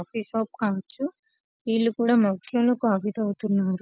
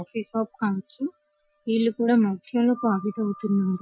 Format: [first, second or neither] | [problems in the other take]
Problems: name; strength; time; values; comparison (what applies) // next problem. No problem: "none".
first | noise reduction (classical method Wiener filter)